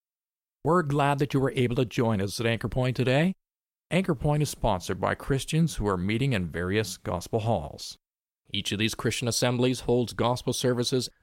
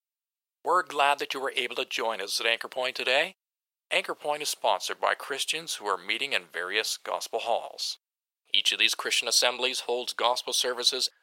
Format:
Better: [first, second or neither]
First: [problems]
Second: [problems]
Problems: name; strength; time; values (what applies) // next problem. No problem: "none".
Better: first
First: none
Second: thin; very; fading below 600 Hz